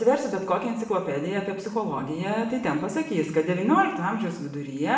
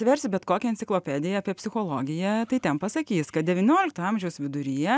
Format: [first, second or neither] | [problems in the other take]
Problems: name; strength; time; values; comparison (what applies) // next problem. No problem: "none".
second | room echo; dies away in 0.8 s